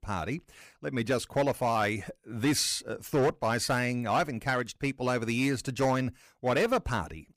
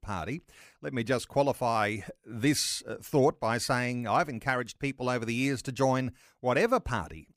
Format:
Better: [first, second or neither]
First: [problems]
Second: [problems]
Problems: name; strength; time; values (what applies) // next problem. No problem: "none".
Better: second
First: distortion; slight; 5% of the sound clipped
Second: none